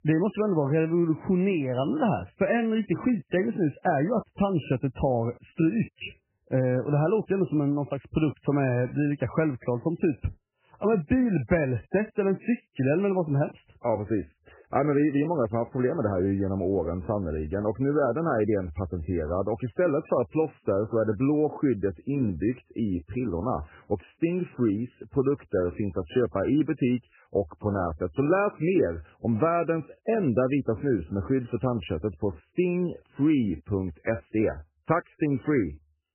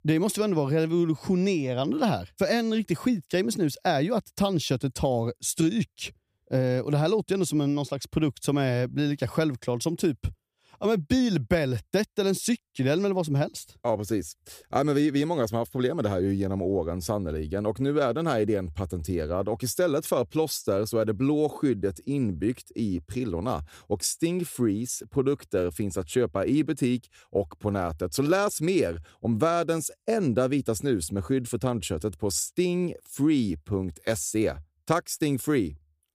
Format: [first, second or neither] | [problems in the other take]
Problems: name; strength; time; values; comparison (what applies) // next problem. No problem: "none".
second | garbled, watery; badly; nothing above 3 kHz